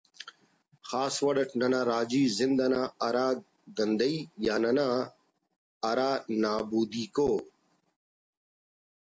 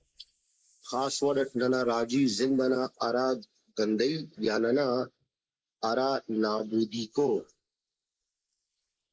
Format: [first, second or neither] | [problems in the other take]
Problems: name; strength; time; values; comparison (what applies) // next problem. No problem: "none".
first | noise reduction (neural mask model Resemble Enhance denoiser)